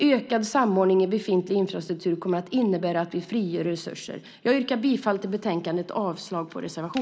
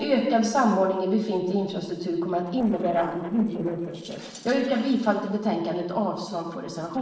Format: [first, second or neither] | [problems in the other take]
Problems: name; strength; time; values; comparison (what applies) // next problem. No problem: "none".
first | noise reduction (neural separator model SepFormer DNS4)